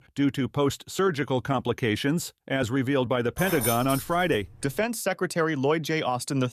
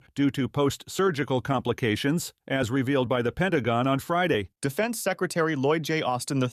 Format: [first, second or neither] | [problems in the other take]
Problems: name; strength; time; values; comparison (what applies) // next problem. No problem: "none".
second | jangling keys; noticeable; from 3.5 to 5 s; peak 3 dB below the speech